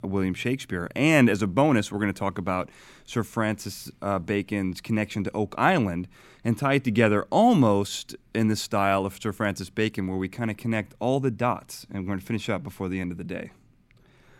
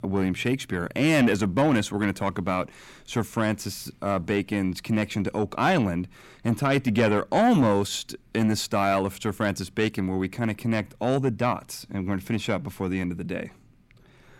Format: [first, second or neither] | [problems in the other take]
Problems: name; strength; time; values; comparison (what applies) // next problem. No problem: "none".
first | distortion; slight; 10 dB below the speech